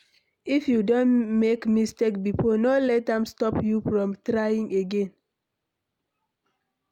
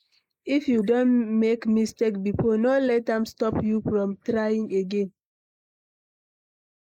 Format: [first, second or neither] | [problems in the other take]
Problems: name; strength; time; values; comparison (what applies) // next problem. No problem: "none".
first | noise reduction (neural mask model Resemble Enhance denoiser)